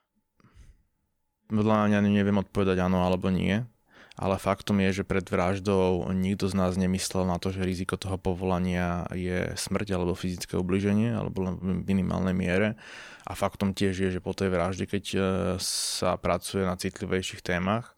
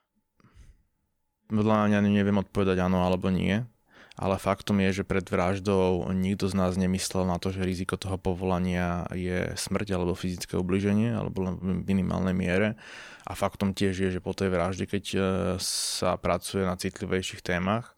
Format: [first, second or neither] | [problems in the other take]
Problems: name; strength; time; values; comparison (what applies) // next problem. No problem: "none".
neither | none